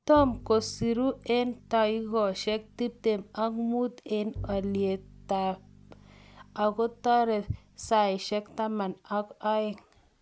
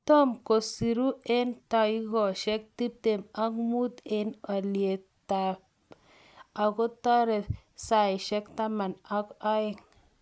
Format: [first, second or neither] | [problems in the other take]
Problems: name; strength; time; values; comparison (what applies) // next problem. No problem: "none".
second | background sound (Bowed string instrument); 17 dB below the speech